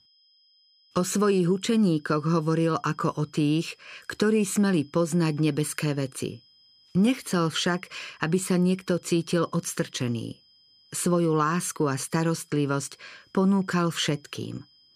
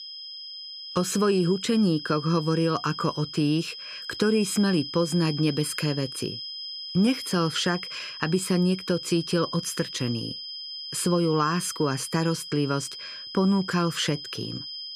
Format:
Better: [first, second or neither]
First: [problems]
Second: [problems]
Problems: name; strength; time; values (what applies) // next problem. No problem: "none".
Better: first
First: high-pitched whine; faint; throughout; 5 kHz, 30 dB below the speech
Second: high-pitched whine; loud; throughout; 5 kHz, 9 dB below the speech